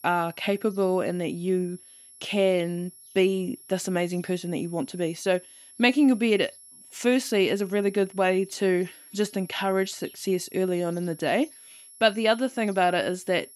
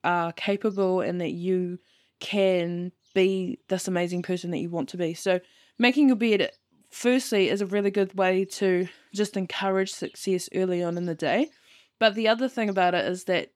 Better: second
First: high-pitched whine; faint; throughout; 11 kHz, 20 dB below the speech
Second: none

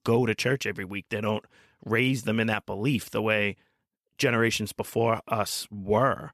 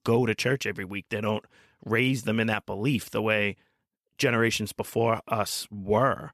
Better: neither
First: none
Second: none

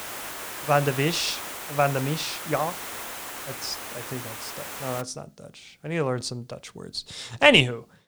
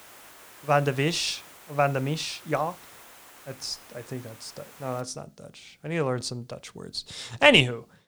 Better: second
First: hiss; loud; until 5 s; 9 dB below the speech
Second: hiss; faint; until 5 s; 20 dB below the speech

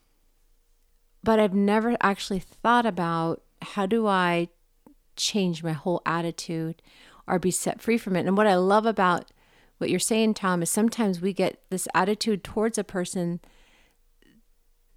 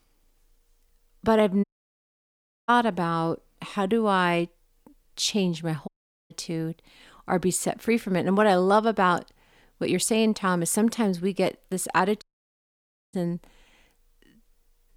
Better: first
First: none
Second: audio cutting out; at 1.5 s for 1 s, at 6 s and at 12 s for 1 s

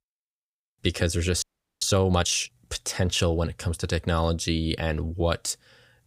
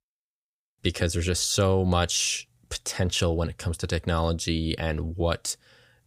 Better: second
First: audio freezing; at 1.5 s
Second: none

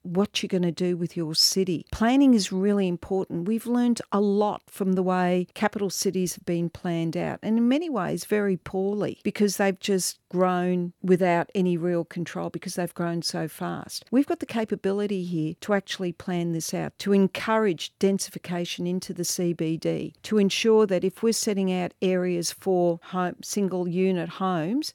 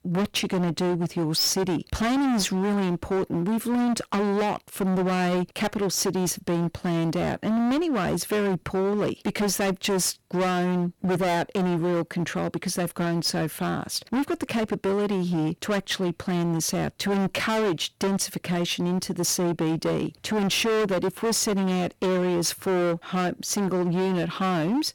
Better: first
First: none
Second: distortion; heavy; 28% of the sound clipped

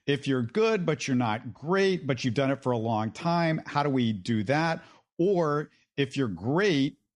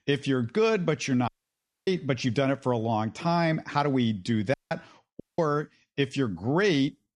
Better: first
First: none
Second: audio cutting out; at 1.5 s for 0.5 s, at 4.5 s and at 5 s

